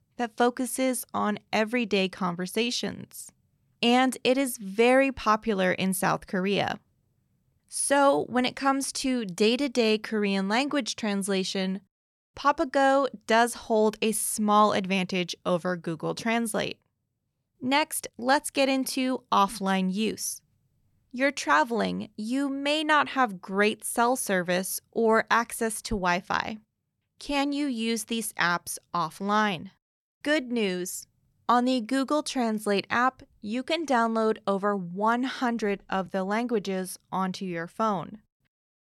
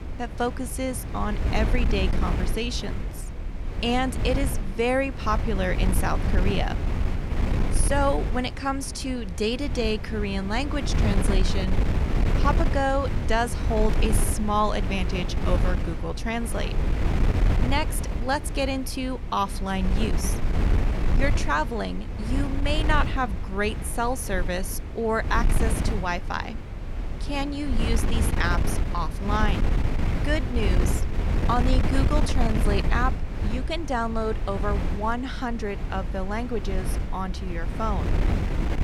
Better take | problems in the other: first | wind noise on the microphone; heavy; 8 dB below the speech

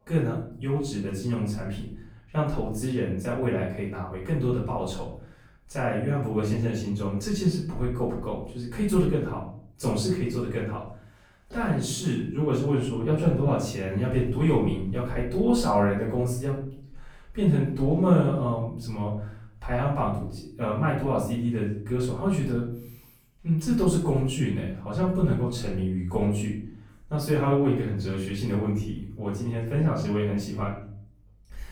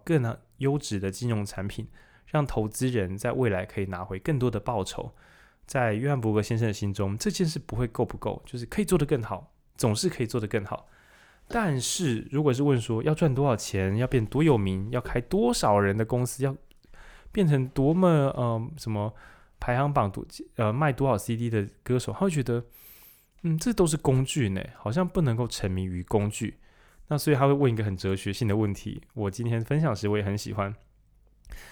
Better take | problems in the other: second | off-mic speech; far // room echo; noticeable; dies away in 0.6 s

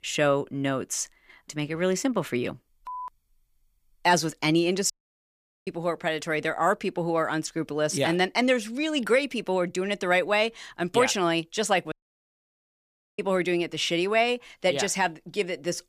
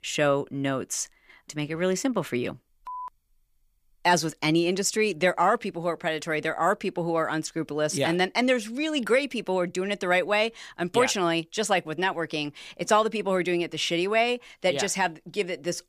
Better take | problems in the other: second | audio cutting out; at 5 s for 1 s and at 12 s for 1.5 s

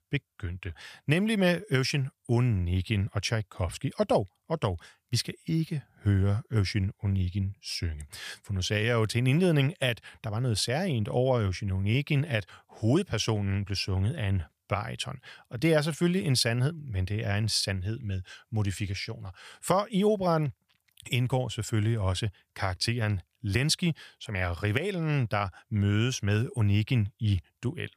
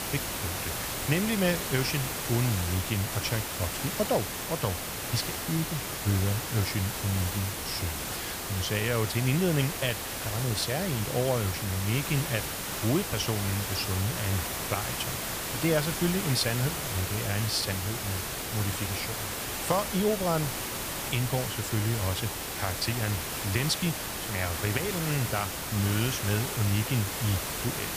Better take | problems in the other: first | hiss; loud; throughout; 2 dB below the speech

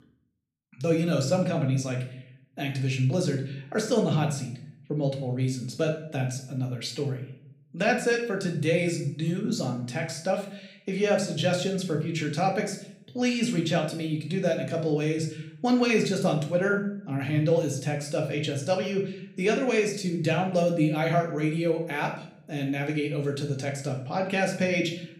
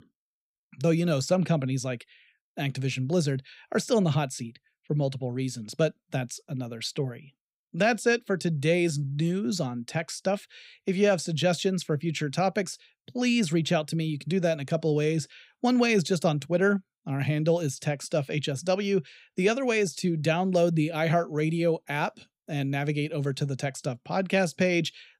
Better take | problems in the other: second | room echo; slight; dies away in 0.5 s // off-mic speech; somewhat distant

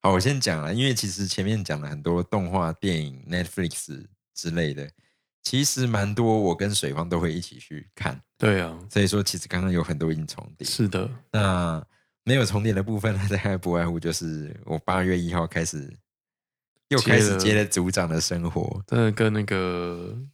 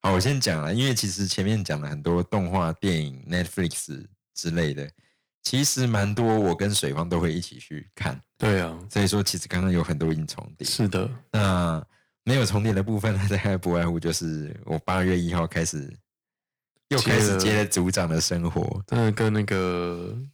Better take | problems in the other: first | distortion; slight; 4% of the sound clipped

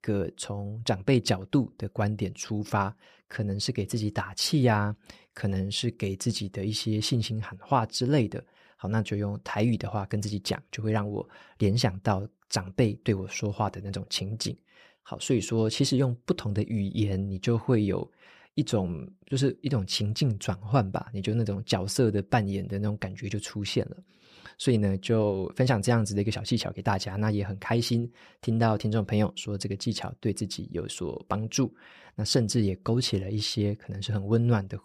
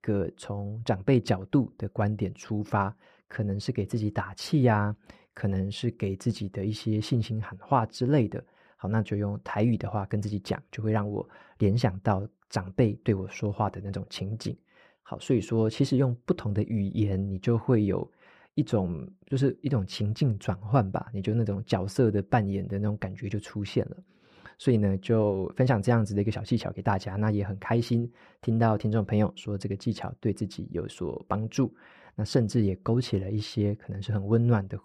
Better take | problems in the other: first | muffled; slightly; fading above 2.5 kHz

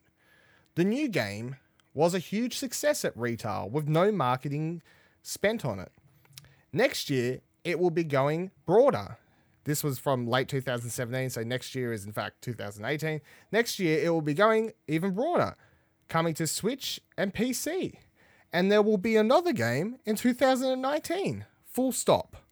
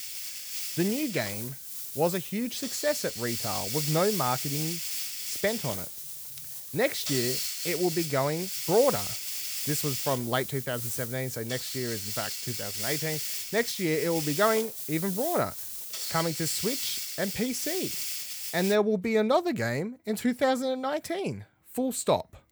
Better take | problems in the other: first | hiss; loud; until 19 s; 2 dB below the speech

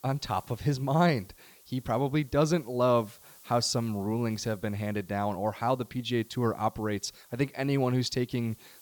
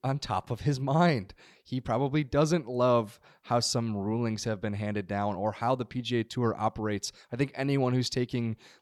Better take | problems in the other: second | hiss; faint; throughout; 25 dB below the speech

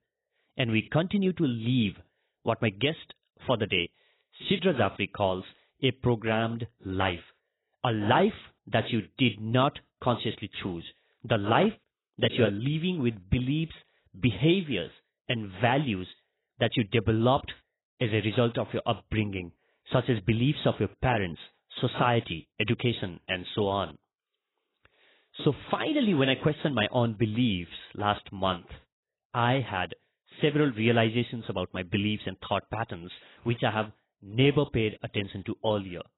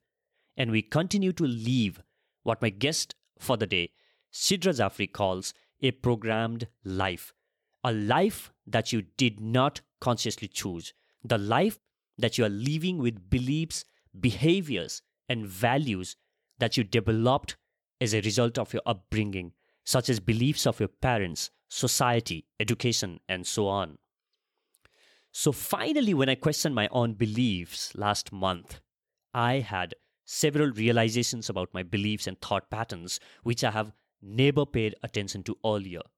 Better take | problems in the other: second | garbled, watery; badly; nothing above 4 kHz

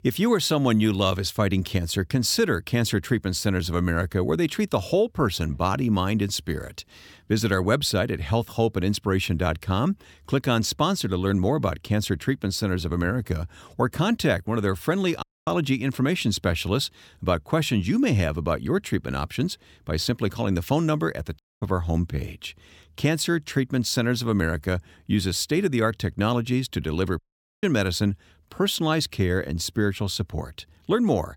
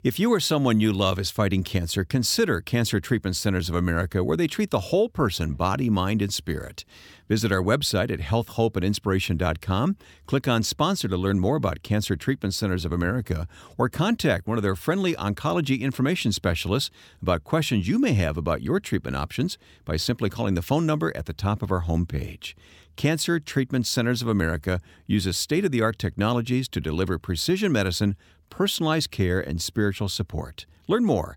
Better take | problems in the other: second | audio cutting out; at 15 s, at 21 s and at 27 s

